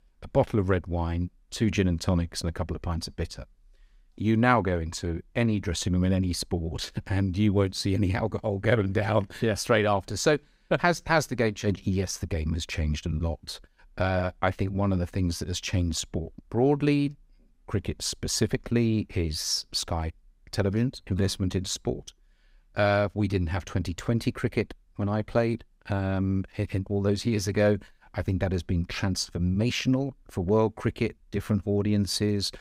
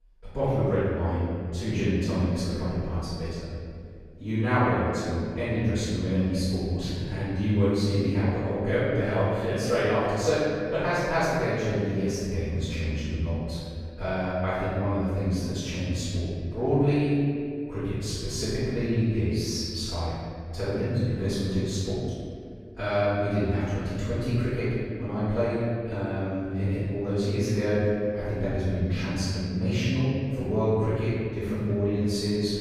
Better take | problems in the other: first | off-mic speech; far // room echo; strong; dies away in 2.2 s

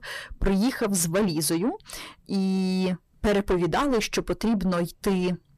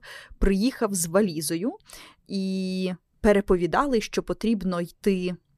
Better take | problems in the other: second | distortion; heavy; 7 dB below the speech

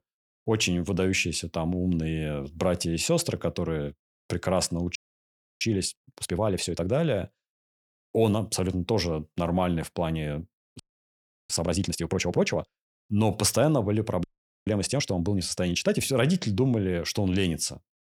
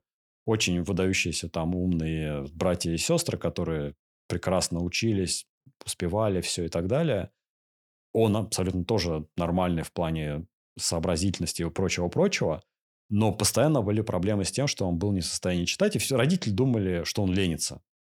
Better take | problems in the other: second | audio freezing; at 5 s for 0.5 s, at 11 s for 0.5 s and at 14 s

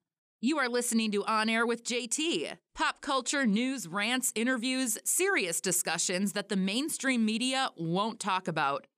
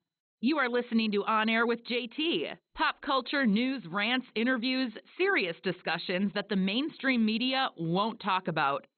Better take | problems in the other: first | garbled, watery; badly; nothing above 4 kHz

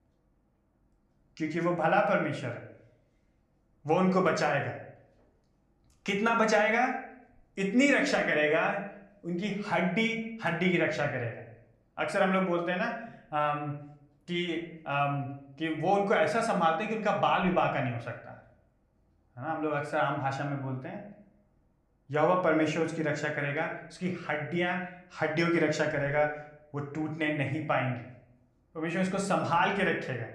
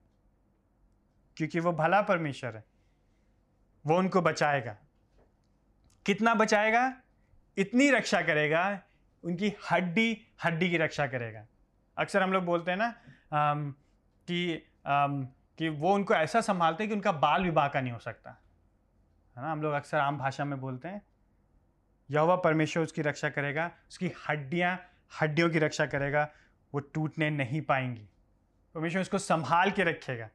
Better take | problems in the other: second | room echo; slight; dies away in 0.5 s // off-mic speech; somewhat distant

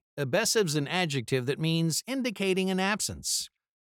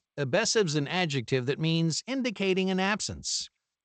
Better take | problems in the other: first | garbled, watery; slightly; nothing above 8 kHz

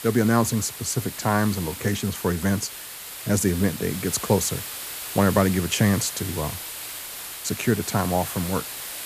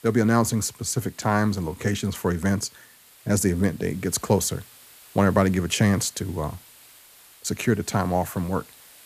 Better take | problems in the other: second | hiss; loud; throughout; 8 dB below the speech; faint in the second

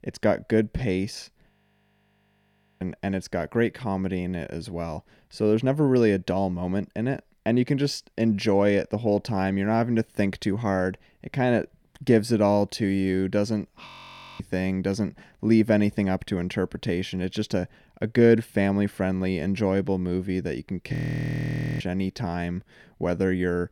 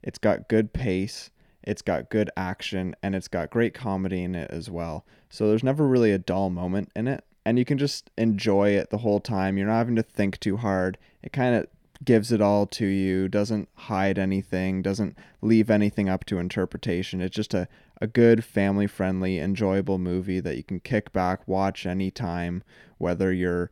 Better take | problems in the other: second | audio freezing; at 1.5 s for 1.5 s, at 14 s for 0.5 s and at 21 s for 1 s

